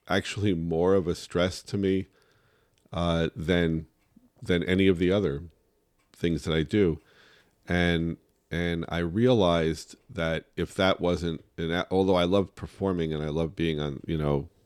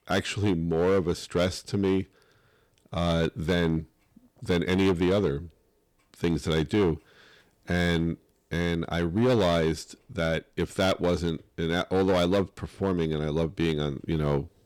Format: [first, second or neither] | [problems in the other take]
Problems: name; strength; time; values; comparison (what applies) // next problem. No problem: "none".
first | distortion; slight; 7% of the sound clipped